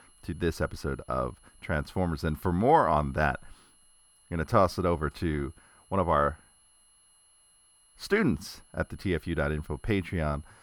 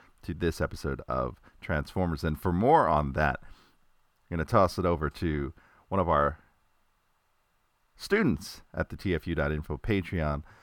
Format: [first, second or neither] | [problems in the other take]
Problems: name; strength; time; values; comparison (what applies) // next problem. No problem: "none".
second | high-pitched whine; faint; throughout; 11 kHz, 30 dB below the speech